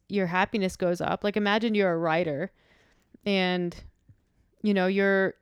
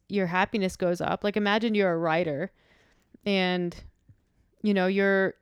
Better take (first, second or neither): neither